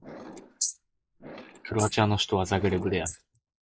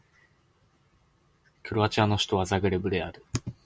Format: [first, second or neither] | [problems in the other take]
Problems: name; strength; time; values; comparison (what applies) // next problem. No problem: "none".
second | noise reduction (neural mask model Resemble Enhance denoiser)